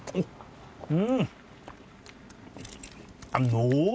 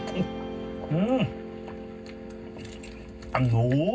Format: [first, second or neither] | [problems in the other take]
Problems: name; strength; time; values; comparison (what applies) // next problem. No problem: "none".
first | background sound (Guitar); 10 dB below the speech // room echo; dies away in 0.4 s